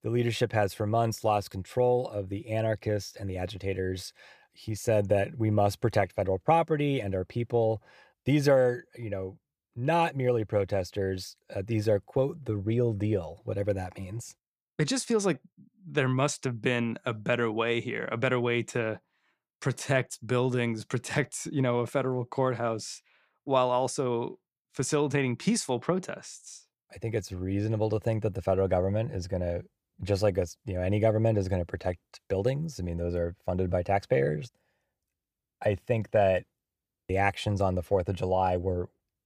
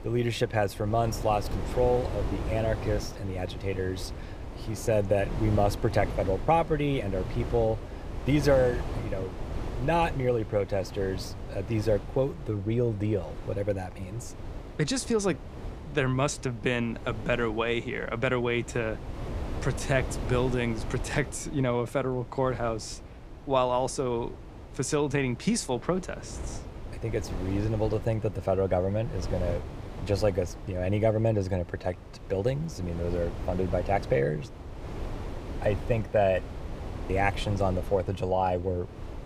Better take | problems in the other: first | wind noise on the microphone; occasional gusts; 15 dB below the speech

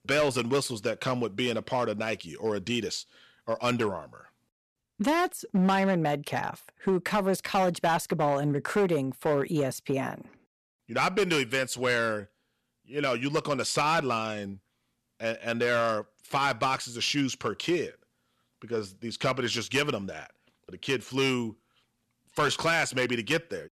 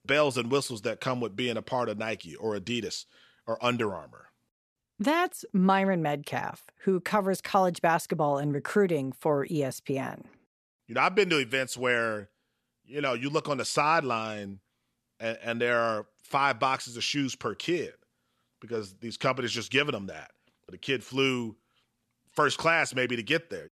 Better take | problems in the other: second | distortion; slight; 5% of the sound clipped

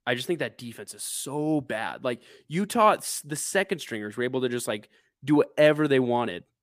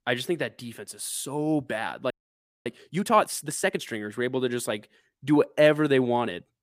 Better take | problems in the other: first | audio freezing; at 2 s for 0.5 s

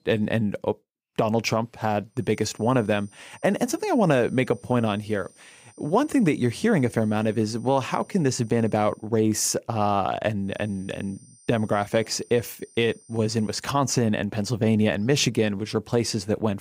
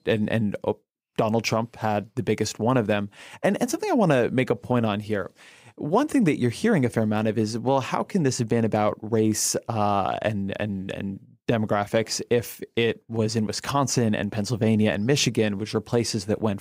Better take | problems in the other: second | high-pitched whine; faint; from 2 to 9 s and from 10 to 14 s; 9 kHz, 30 dB below the speech

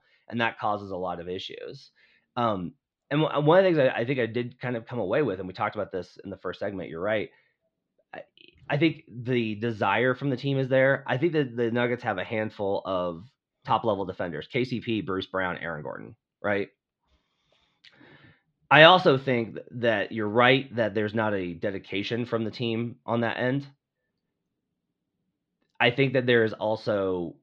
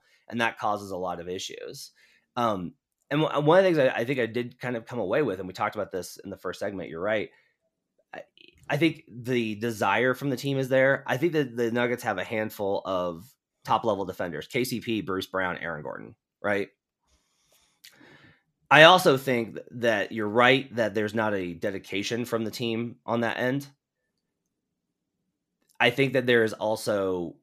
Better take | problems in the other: second | muffled; very slightly; fading above 4 kHz

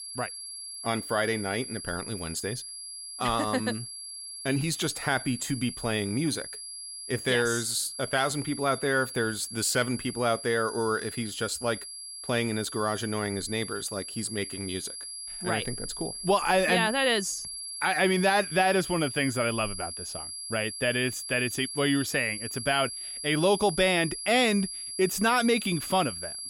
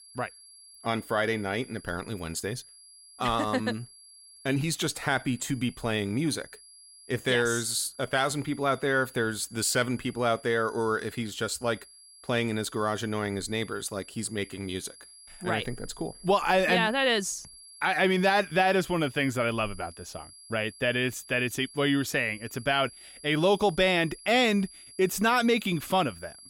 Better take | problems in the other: second | high-pitched whine; loud; throughout; 11 kHz, 8 dB below the speech; faint in the second

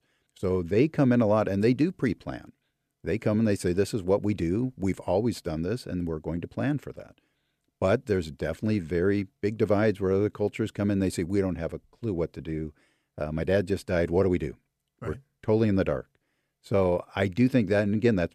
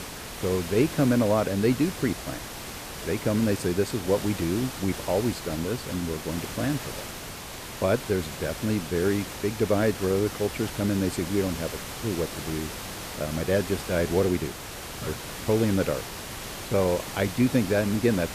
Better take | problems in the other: first | hiss; loud; throughout; 9 dB below the speech

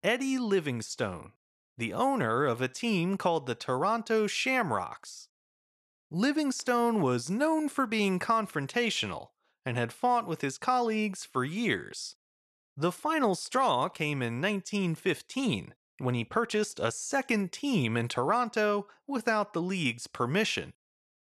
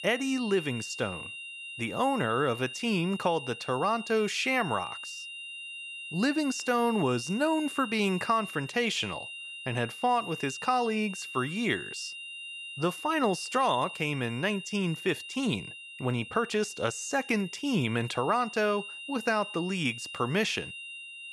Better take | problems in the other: first | high-pitched whine; loud; throughout; 3 kHz, 10 dB below the speech

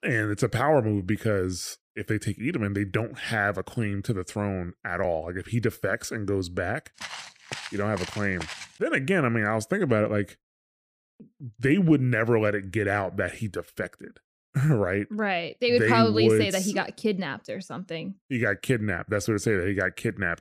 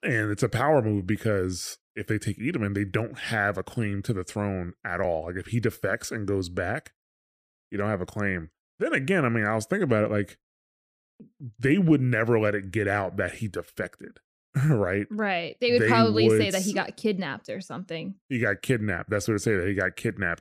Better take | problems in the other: second | footsteps; faint; from 7 to 8.5 s; peak 10 dB below the speech

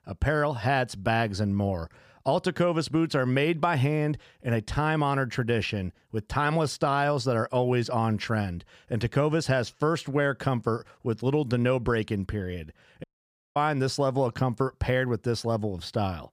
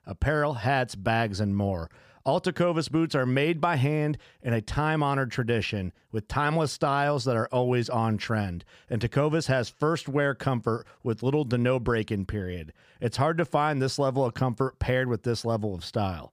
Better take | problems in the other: second | audio cutting out; at 13 s for 0.5 s

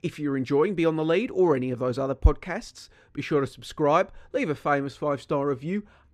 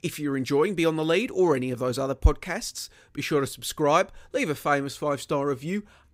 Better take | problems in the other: second | muffled; slightly; fading above 2 kHz

